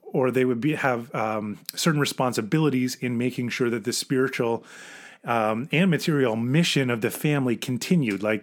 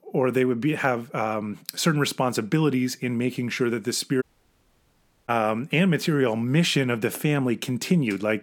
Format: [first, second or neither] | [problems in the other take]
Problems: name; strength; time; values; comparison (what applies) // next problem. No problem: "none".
first | audio cutting out; at 4 s for 1 s